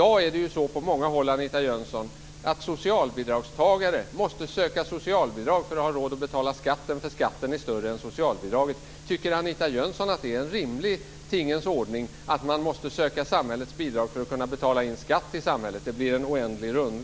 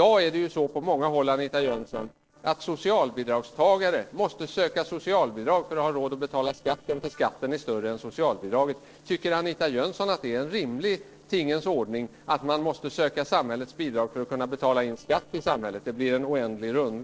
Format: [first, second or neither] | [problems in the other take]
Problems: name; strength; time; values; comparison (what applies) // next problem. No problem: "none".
first | noise reduction (neural separator model SepFormer DNS4)